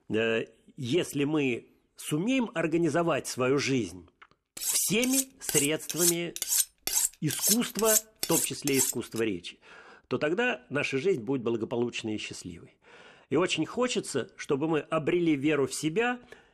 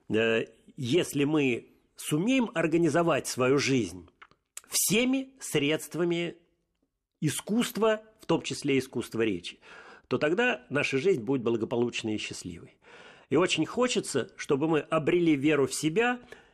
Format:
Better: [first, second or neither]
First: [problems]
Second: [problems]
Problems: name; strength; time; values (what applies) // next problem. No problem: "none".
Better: second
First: clattering dishes; loud; from 4.5 to 9 s; peak 4 dB above the speech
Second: none